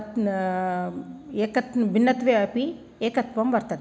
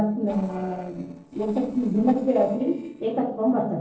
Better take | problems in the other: first | noise reduction (neural separator model SepFormer DNS4)

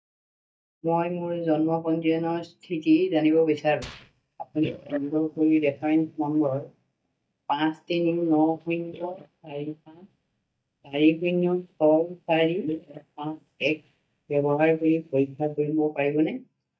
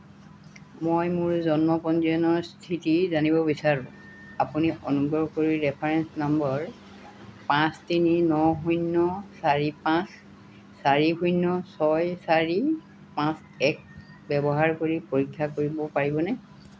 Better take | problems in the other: second | noise reduction (neural mask model DeepFilterNet 3)

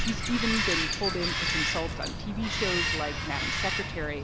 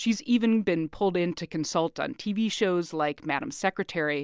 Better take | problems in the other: second | background sound (Bird vocalization, bird call, bird song); 3 dB above the speech

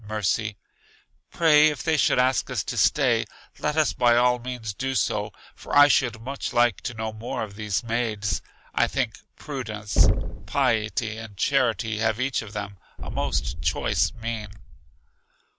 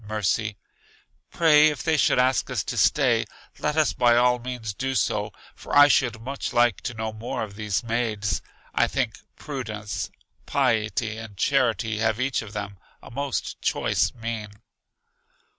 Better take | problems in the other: second | background sound (Boom + Knock); 1 dB below the speech

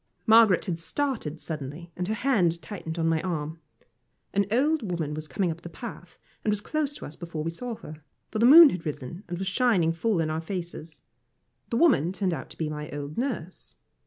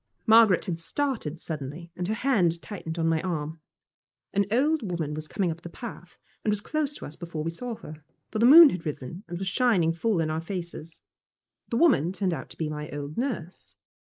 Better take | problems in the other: first | noise reduction (neural mask model Resemble Enhance denoiser)

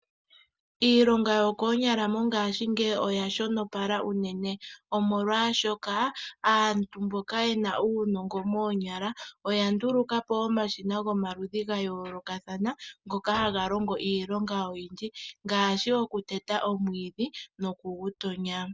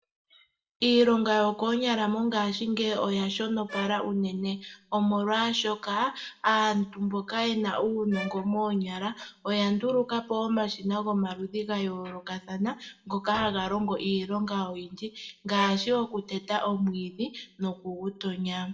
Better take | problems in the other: first | background sound (Bowed string instrument); 15 dB below the speech // room echo; dies away in 0.5 s

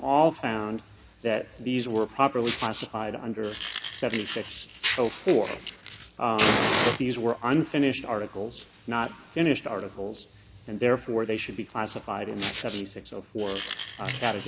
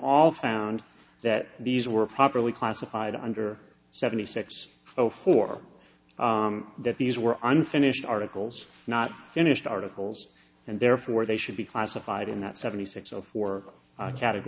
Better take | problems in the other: second | background sound (Fire); 7 dB below the speech

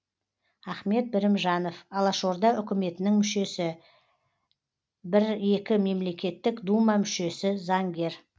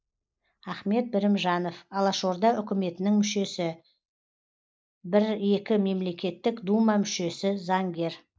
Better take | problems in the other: first | noise reduction (neural mask model Resemble Enhance denoiser)

